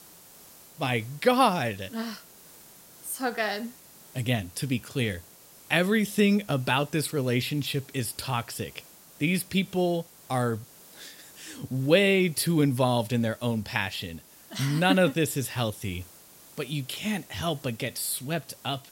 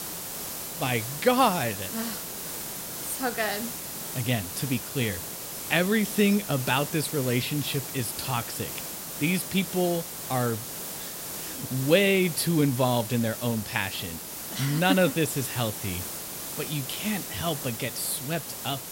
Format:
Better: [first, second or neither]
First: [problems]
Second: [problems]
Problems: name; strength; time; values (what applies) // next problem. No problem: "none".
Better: first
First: hiss; faint; throughout; 20 dB below the speech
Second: hiss; loud; throughout; 6 dB below the speech